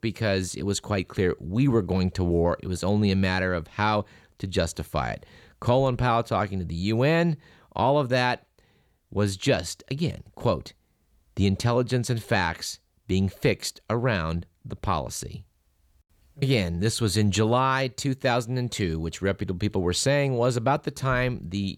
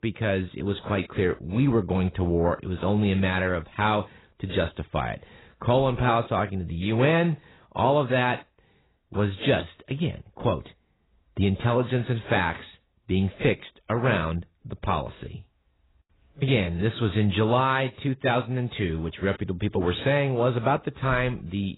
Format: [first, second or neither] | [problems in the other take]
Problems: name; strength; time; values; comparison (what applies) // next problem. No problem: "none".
first | garbled, watery; badly; nothing above 4 kHz